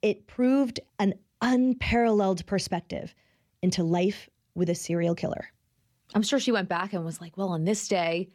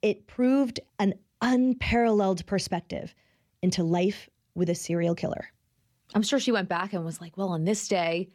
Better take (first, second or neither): neither